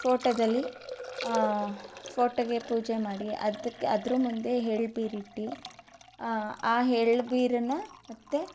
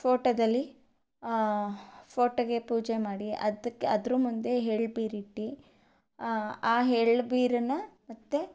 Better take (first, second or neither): second